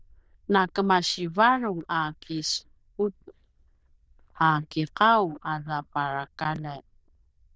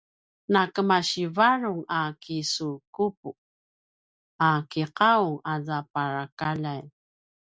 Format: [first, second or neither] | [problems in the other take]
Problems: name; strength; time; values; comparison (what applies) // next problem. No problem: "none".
second | noise reduction (neural diffusion model UNIVERSE++)